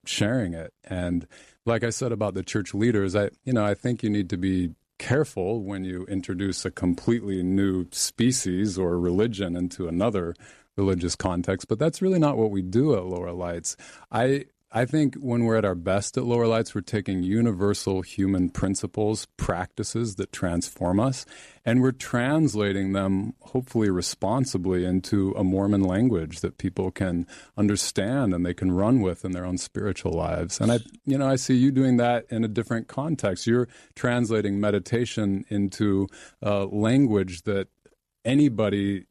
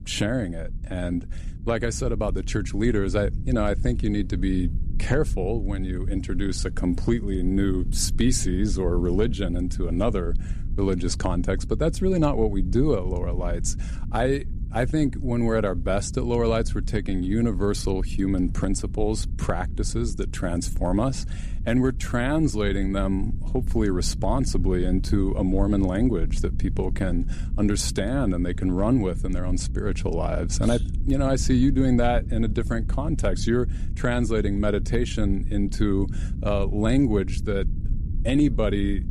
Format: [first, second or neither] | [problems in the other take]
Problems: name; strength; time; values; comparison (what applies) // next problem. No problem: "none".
first | low rumble; noticeable; throughout; 20 dB below the speech